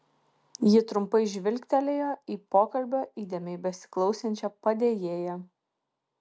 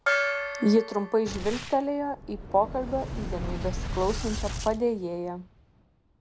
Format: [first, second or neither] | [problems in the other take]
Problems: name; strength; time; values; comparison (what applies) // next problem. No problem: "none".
first | background sound (Gong + Boom); 5 dB below the speech